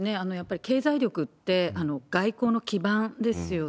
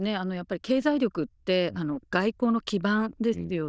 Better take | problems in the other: first | noise reduction (neural diffusion model UNIVERSE++)

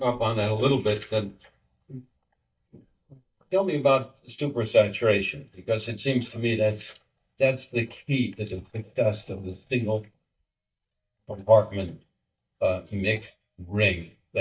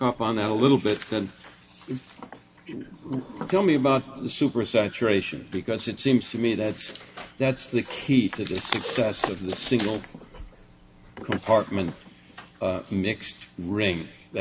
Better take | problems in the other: second | noise reduction (neural mask model DeepFilterNet 3)

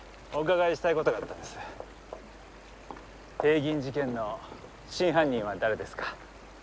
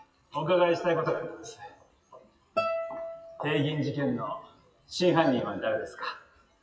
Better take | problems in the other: first | noise reduction (classical method WPE with log-MMSE)

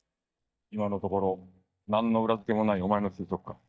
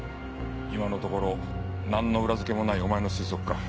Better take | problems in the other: second | noise reduction (neural mask model DeepFilterNet 3)

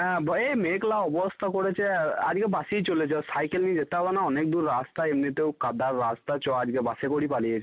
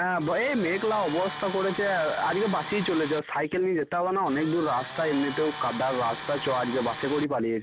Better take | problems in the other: first | background sound (Tools); 11 dB below the speech

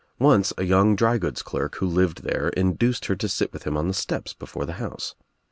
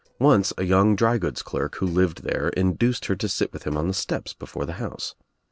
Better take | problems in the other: first | noise reduction (neural separator model SepFormer DNS4)

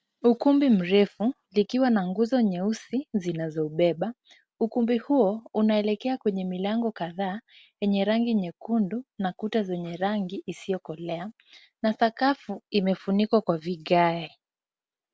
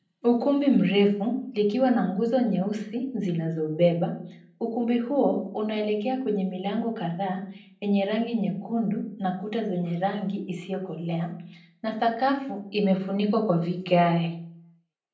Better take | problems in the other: first | room echo; dies away in 0.6 s

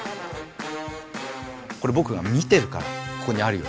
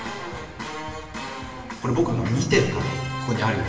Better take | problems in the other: first | room echo; dies away in 1.3 s

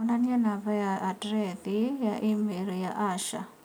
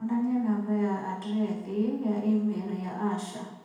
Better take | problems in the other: first | room echo; dies away in 0.8 s

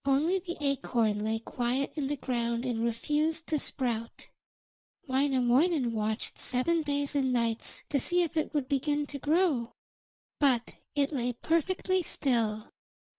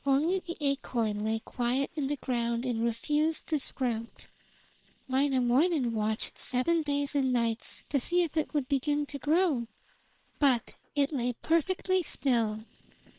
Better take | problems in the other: first | noise reduction (neural separator model SepFormer WHAM!)

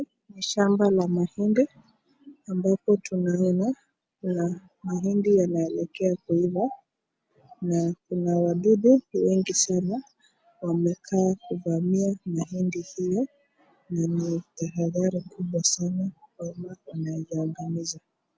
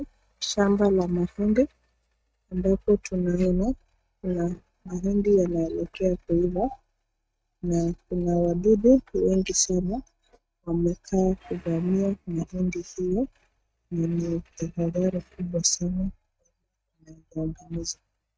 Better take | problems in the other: first | noise reduction (neural mask model RNNoise)

